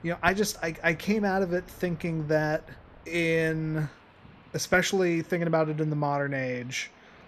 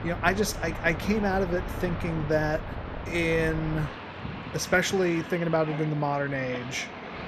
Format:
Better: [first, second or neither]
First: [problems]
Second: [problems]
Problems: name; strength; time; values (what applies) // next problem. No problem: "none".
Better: first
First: train or aircraft noise; faint; throughout; 25 dB below the speech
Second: train or aircraft noise; loud; throughout; 9 dB below the speech